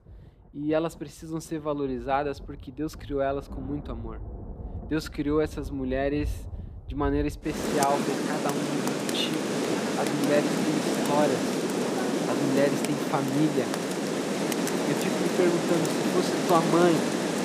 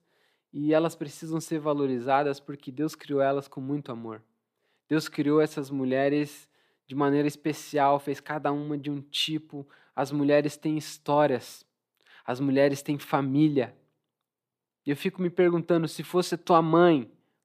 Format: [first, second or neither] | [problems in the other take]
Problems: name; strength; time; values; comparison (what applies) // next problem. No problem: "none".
second | rain or running water; very loud; throughout; 1 dB above the speech